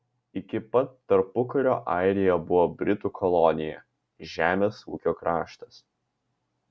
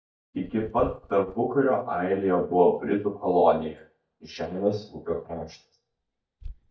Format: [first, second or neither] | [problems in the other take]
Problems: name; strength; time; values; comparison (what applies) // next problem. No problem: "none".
first | noise reduction (neural mask model DeepFilterNet 3)